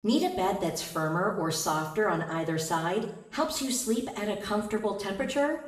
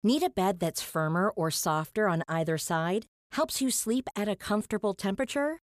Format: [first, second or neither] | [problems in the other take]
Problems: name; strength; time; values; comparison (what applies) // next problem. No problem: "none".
second | room echo; noticeable; dies away in 0.8 s // off-mic speech; somewhat distant